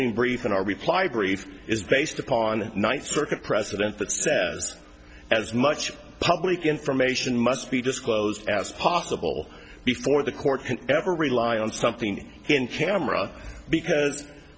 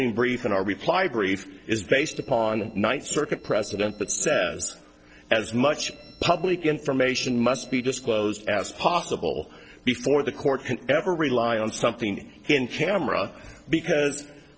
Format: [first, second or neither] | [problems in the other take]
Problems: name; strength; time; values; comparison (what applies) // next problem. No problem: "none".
first | noise reduction (neural separator model SepFormer DNS4)